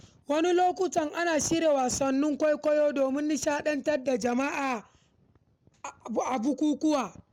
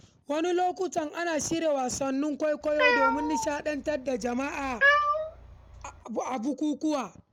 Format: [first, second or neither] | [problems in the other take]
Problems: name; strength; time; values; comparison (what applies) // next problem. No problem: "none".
first | background sound (Cat); 1 dB above the speech